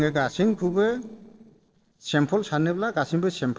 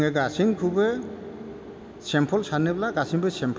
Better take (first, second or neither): second